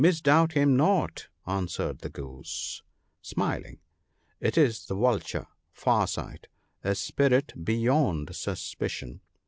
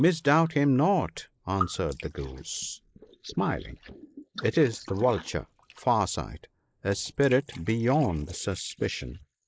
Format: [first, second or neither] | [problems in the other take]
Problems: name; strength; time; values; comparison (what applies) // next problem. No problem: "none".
first | noise reduction (neural mask model Resemble Enhance denoiser)